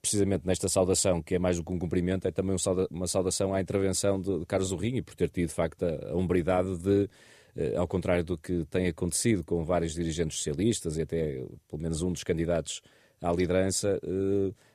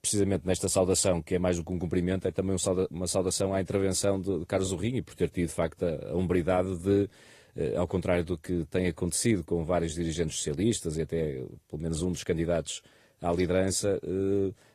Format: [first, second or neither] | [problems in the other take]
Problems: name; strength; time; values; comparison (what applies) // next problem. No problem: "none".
first | garbled, watery; slightly